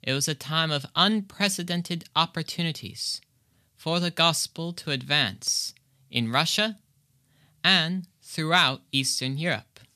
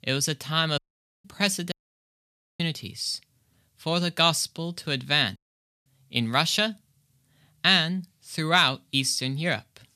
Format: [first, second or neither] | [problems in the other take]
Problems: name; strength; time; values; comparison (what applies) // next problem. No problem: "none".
first | audio cutting out; at 1 s, at 1.5 s for 1 s and at 5.5 s for 0.5 s